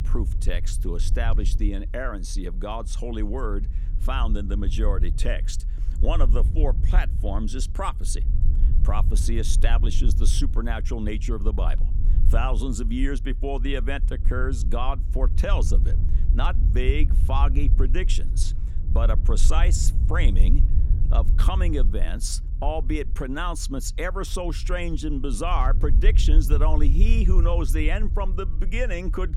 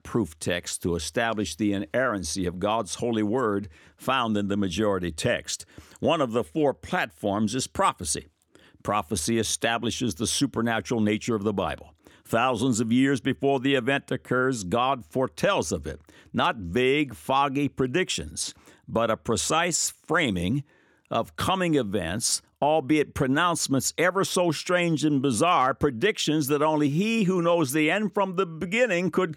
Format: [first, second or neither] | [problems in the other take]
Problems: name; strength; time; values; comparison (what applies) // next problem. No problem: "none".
second | low rumble; noticeable; throughout; 15 dB below the speech